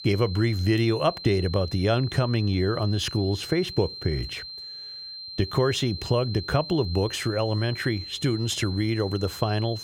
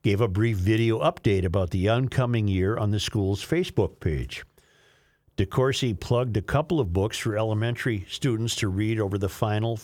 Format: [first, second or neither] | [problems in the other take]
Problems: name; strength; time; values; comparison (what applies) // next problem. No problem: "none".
second | high-pitched whine; noticeable; throughout; 4 kHz, 10 dB below the speech